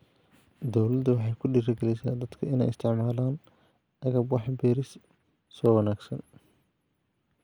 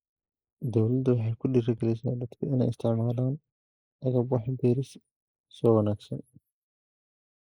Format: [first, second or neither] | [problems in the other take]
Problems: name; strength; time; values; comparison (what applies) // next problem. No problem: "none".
first | noise reduction (neural mask model Resemble Enhance denoiser)